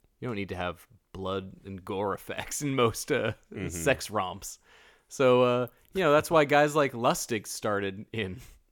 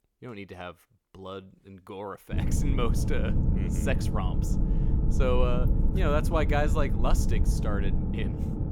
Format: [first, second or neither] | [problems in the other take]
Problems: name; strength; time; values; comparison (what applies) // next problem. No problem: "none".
first | low rumble; loud; from 2.5 s on; 6 dB below the speech